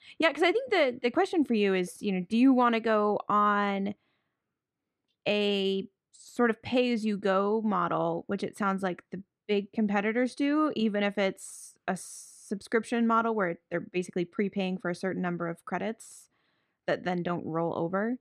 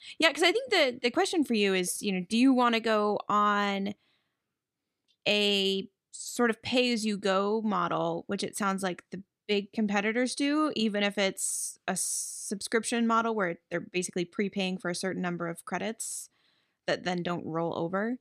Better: second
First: muffled; slightly; fading above 3 kHz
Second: none

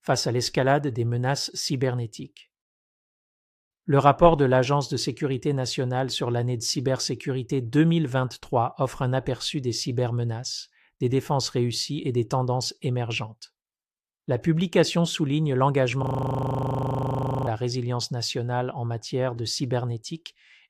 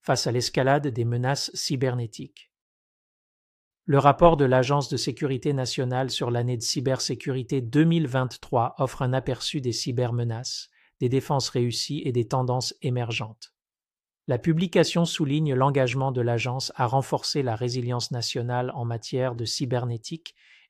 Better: second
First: audio freezing; at 16 s for 1.5 s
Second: none

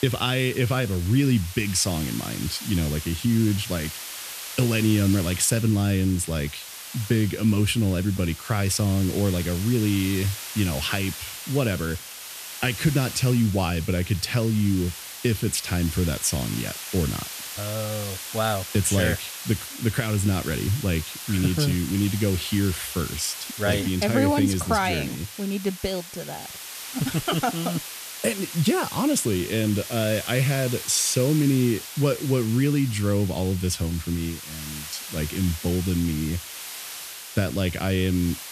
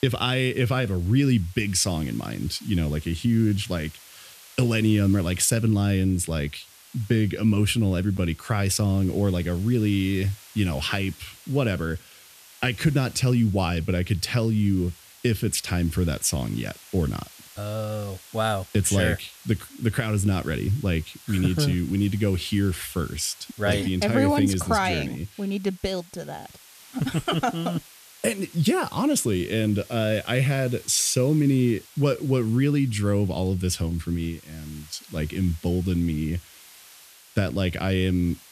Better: second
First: hiss; loud; throughout; 10 dB below the speech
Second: hiss; faint; throughout; 20 dB below the speech

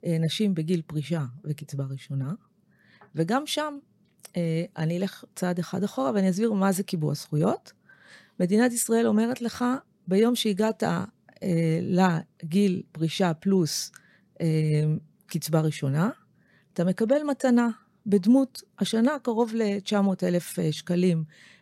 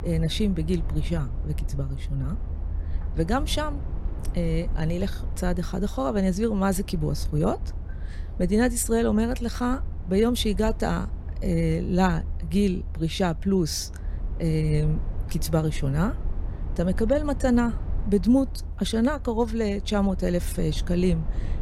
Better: first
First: none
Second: low rumble; noticeable; throughout; 20 dB below the speech

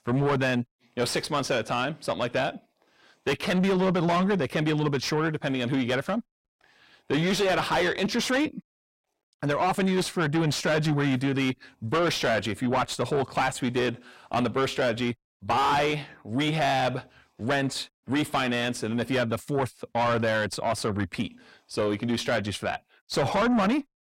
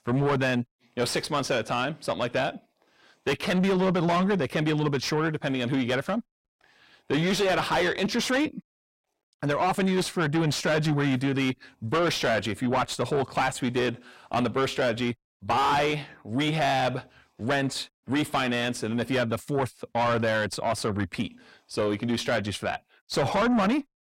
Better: neither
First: distortion; heavy; 6 dB below the speech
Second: distortion; heavy; 6 dB below the speech

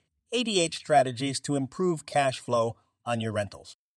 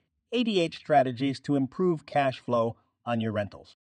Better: first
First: none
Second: muffled; slightly; fading above 3 kHz

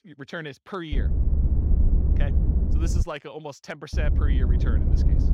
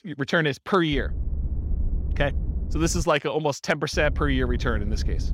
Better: second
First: low rumble; loud; from 1 to 3 s and from 4 s on; 3 dB below the speech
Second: low rumble; faint; from 1 to 3 s and from 4 s on; 20 dB below the speech

